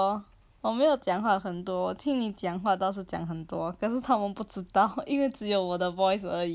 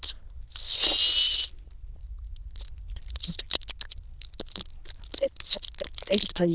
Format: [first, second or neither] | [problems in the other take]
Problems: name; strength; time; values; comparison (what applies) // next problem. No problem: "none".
first | noise reduction (neural diffusion model UNIVERSE++)